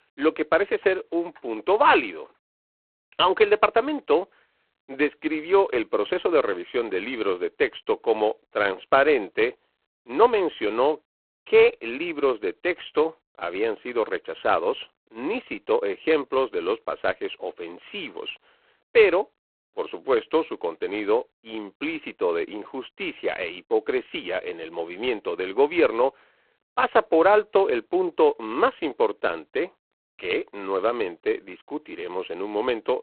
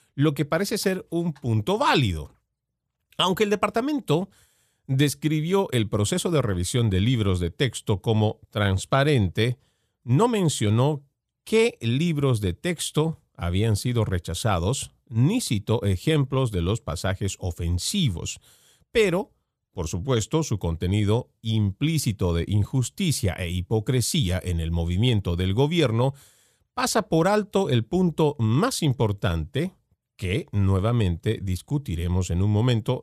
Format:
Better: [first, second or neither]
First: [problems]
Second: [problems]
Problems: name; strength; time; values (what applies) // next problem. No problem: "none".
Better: second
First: phone-call audio; poor line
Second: none